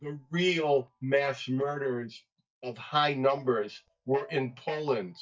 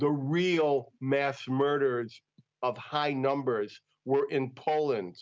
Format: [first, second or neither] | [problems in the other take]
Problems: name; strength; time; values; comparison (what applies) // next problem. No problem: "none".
second | noise reduction (neural mask model DeepFilterNet 3)